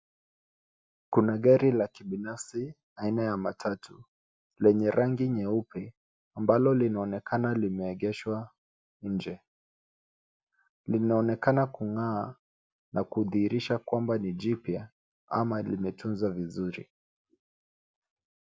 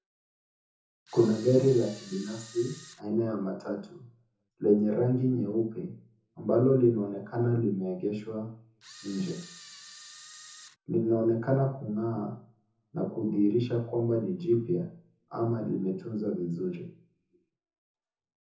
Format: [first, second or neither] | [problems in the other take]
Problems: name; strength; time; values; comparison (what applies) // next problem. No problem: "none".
first | background sound (Camera); 19 dB below the speech // room echo; dies away in 0.5 s